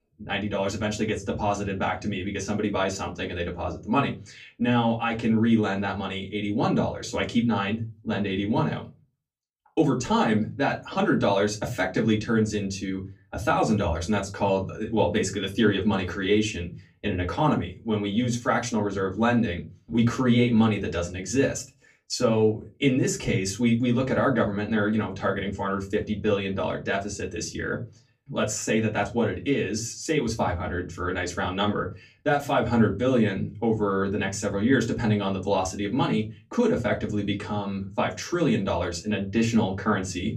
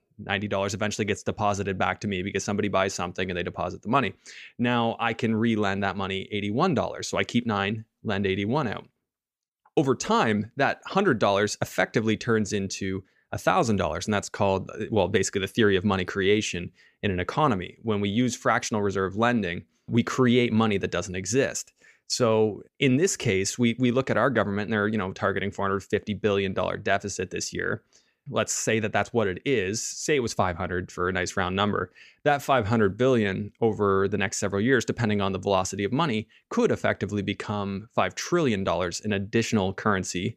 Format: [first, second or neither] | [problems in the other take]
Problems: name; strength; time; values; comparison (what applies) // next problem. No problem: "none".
second | off-mic speech; far // room echo; very slight; dies away in 0.3 s